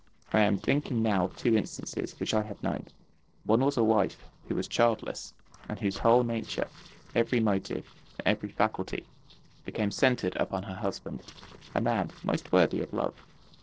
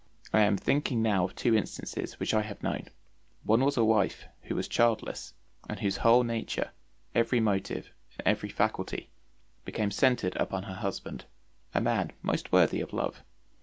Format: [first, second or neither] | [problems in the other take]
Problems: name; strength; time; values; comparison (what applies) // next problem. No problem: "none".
second | noise reduction (neural separator model SepFormer DNS4)